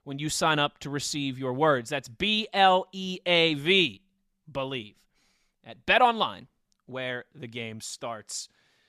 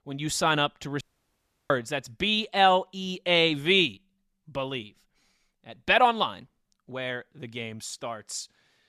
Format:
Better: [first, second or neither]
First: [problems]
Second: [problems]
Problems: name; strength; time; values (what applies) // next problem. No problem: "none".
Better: first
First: none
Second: audio cutting out; at 1 s for 0.5 s